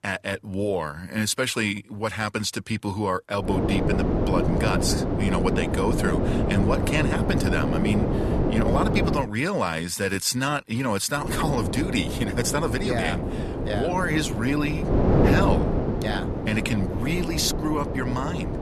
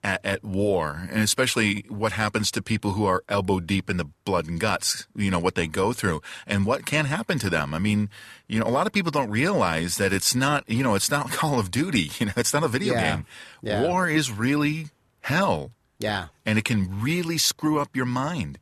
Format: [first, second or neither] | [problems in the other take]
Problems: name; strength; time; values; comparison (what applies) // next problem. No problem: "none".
second | wind noise on the microphone; heavy; from 3.5 to 9 s and from 11 s on; 2 dB below the speech